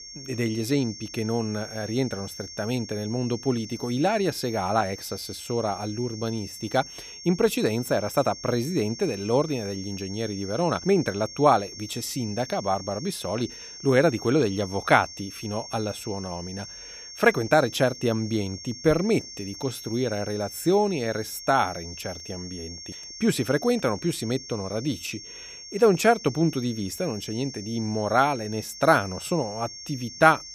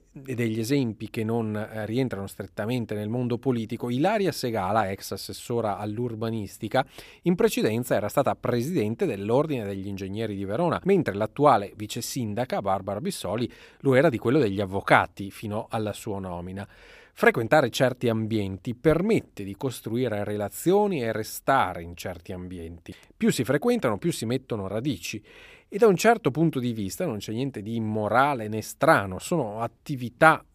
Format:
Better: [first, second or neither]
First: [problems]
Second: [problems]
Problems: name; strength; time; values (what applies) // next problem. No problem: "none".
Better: second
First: high-pitched whine; noticeable; throughout; 5.5 kHz, 15 dB below the speech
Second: none